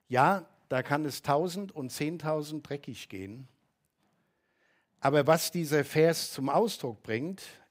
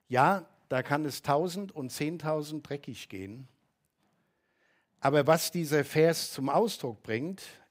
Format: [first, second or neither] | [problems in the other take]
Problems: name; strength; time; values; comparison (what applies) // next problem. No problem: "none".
neither | none